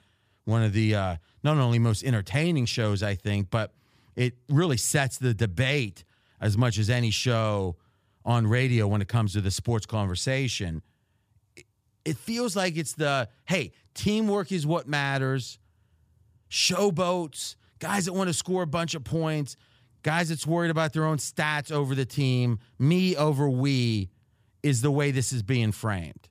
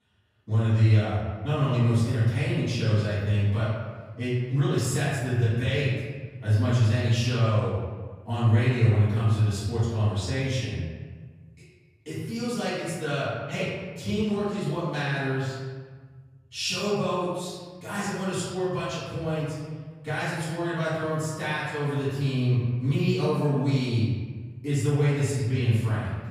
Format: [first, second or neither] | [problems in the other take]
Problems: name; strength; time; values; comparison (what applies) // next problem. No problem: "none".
first | off-mic speech; far // room echo; strong; dies away in 1.4 s